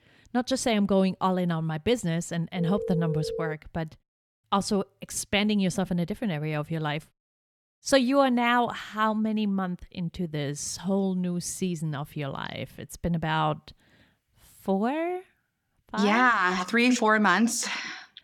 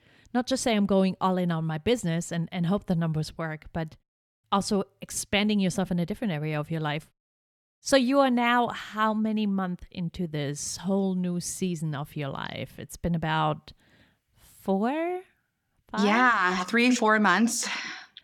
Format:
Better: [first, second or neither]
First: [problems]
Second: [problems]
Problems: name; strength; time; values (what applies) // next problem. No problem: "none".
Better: second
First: phone ringing; noticeable; at 2.5 s; peak 6 dB below the speech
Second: none